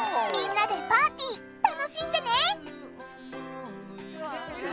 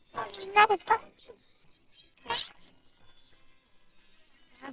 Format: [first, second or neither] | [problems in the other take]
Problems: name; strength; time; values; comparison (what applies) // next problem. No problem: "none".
first | noise reduction (neural separator model SepFormer WHAMR!)